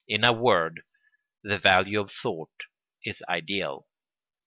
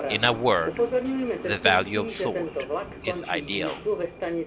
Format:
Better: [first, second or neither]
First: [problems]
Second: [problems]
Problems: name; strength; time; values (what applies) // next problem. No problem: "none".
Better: first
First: none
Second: background sound (Subway, metro, underground); 1 dB below the speech